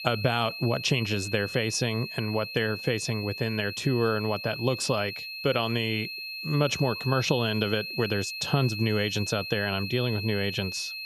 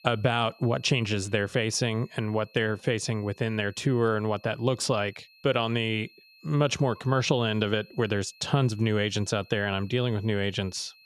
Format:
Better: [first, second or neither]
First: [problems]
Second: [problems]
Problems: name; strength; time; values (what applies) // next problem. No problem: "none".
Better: second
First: high-pitched whine; loud; throughout; 2.5 kHz, 7 dB below the speech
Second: high-pitched whine; faint; throughout; 2.5 kHz, 25 dB below the speech